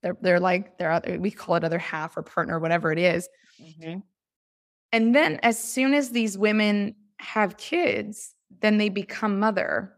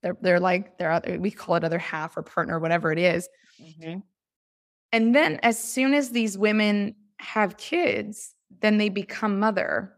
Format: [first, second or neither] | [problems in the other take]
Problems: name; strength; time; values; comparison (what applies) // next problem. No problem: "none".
neither | none